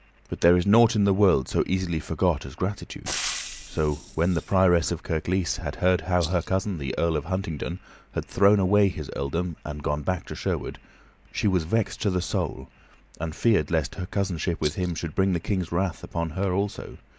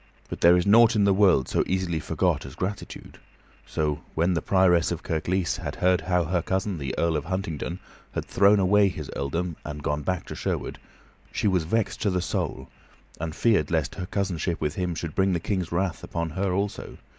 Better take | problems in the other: second | background sound (Rattle + Frying (food)); 11 dB below the speech

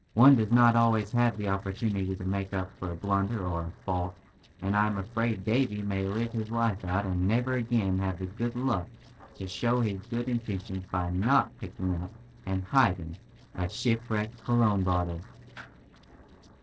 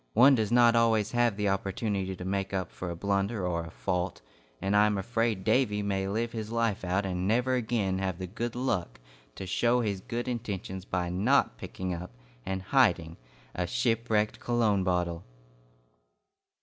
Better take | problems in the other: second | noise reduction (neural separator model SepFormer DNS4)

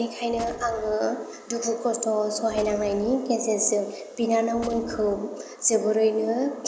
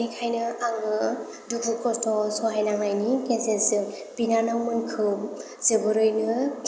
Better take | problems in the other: second | background sound (Gunshot, gunfire); 15 dB below the speech

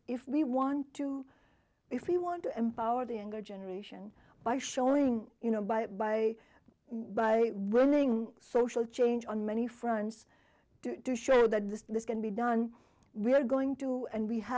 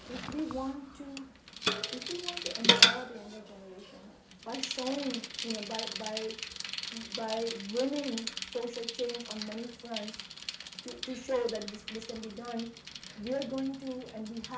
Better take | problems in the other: first | background sound (Bicycle); 2 dB above the speech // room echo; dies away in 0.4 s

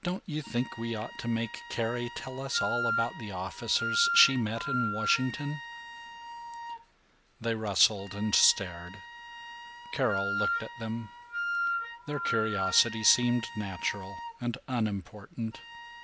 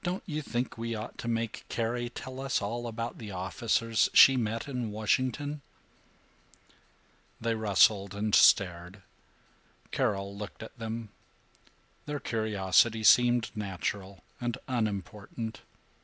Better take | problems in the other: second | background sound (Wind instrument, woodwind instrument); 5 dB below the speech

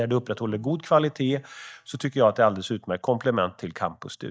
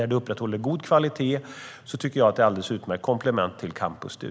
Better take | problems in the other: second | noise reduction (neural mask model DeepFilterNet 3)

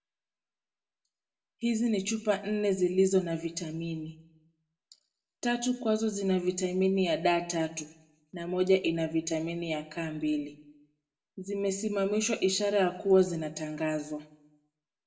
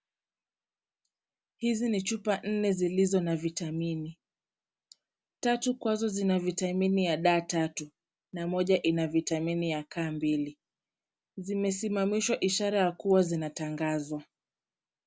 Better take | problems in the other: second | room echo; dies away in 0.5 s

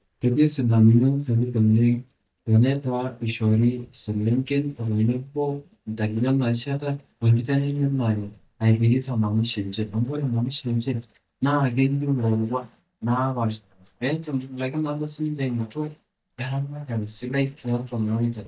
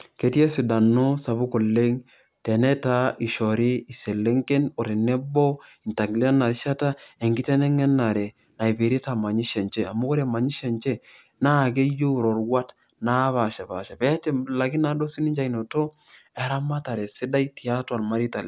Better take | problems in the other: second | noise reduction (neural mask model DeepFilterNet 3)

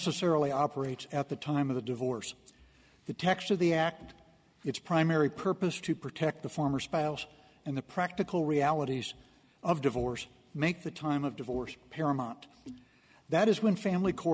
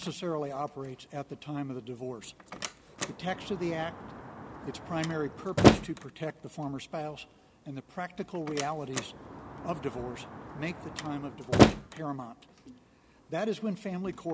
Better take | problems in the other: first | background sound (Slam); 4 dB above the speech

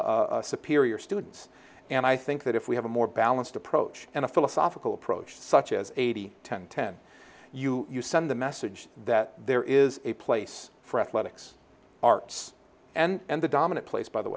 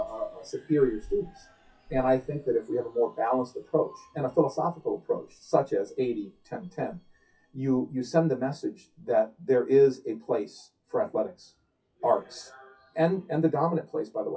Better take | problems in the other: first | noise reduction (classical method WPE with log-MMSE)

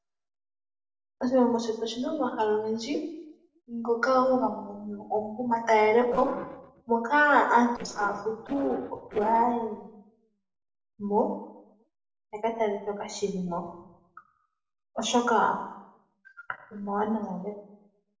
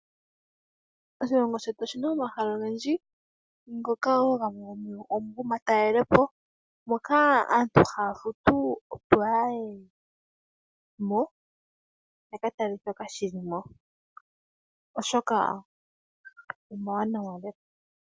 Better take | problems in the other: second | noise reduction (neural separator model SepFormer DNS4)

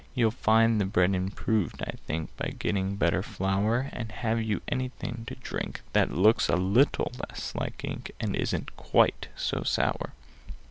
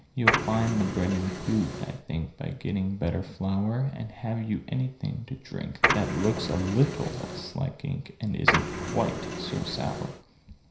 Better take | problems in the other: first | background sound (Printer); as loud as the speech // room echo; dies away in 0.5 s

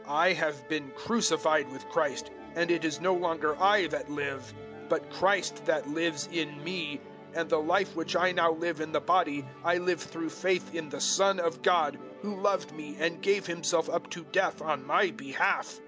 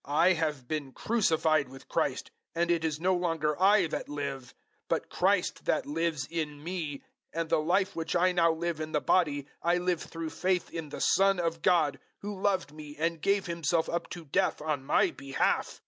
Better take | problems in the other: second | background sound (Musical instrument); 16 dB below the speech

